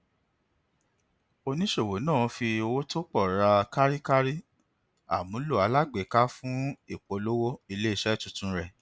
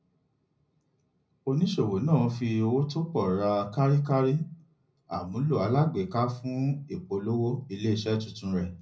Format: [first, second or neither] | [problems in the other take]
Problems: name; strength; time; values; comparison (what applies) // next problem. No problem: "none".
first | room echo; dies away in 0.4 s